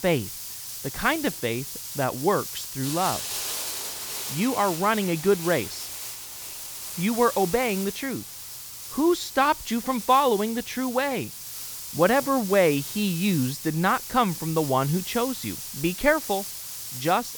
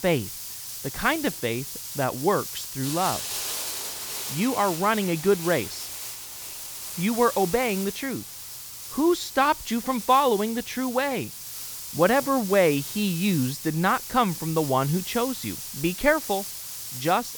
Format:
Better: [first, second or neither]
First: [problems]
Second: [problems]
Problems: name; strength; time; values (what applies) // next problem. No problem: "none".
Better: neither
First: hiss; loud; throughout; 8 dB below the speech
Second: hiss; loud; throughout; 8 dB below the speech